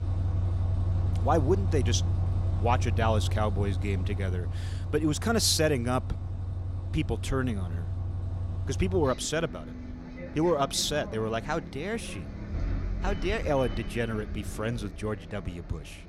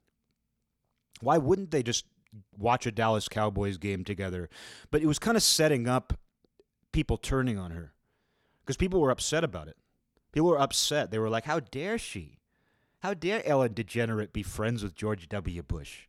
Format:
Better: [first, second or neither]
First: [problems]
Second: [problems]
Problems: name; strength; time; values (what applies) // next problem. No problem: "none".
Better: second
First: traffic noise; loud; throughout; 3 dB below the speech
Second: none